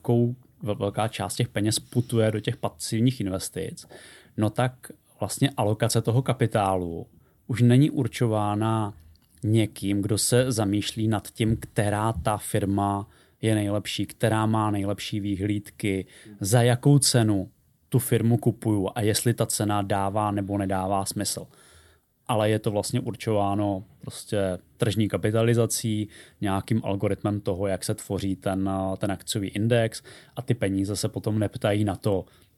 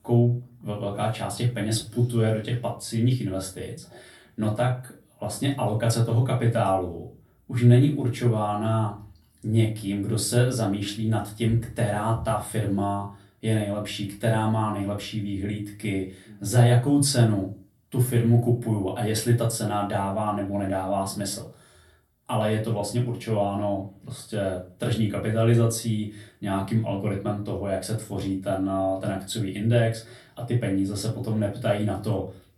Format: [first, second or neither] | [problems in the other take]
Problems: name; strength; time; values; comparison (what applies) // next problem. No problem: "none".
first | off-mic speech; far // room echo; very slight; dies away in 0.3 s